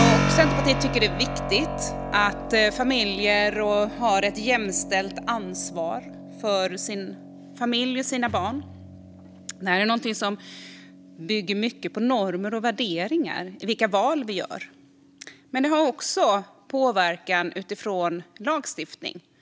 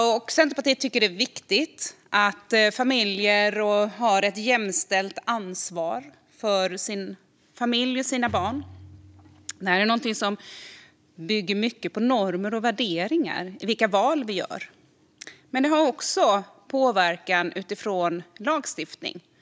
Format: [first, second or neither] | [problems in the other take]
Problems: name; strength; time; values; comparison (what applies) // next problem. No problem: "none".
second | background sound (Keyboard (musical)); 7 dB below the speech